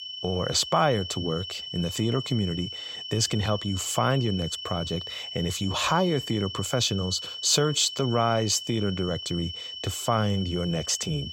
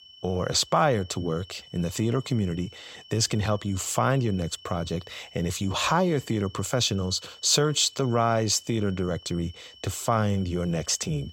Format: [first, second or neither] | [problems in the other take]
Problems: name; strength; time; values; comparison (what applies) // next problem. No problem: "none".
second | high-pitched whine; loud; throughout; 3 kHz, 8 dB below the speech; faint in the second